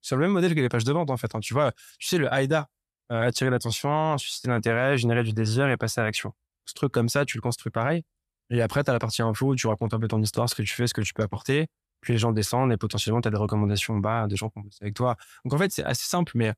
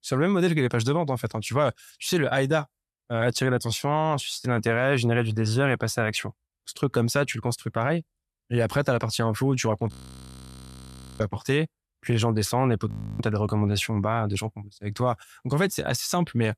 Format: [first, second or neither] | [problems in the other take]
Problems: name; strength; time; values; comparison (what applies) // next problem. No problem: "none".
first | audio freezing; at 10 s for 1.5 s and at 13 s